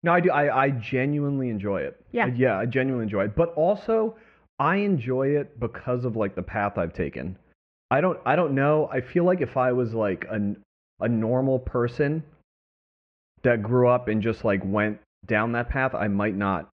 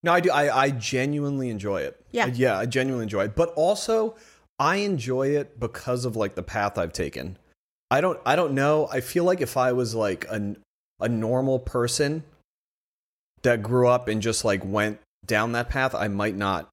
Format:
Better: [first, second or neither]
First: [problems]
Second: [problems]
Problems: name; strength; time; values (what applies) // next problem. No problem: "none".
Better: second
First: muffled; very; fading above 2.5 kHz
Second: none